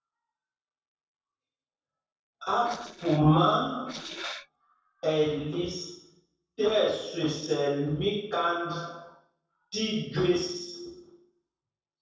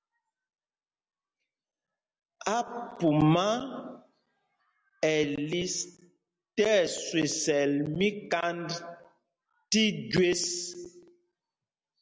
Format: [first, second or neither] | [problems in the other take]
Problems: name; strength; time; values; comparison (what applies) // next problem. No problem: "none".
second | noise reduction (neural separator model SepFormer DNS4)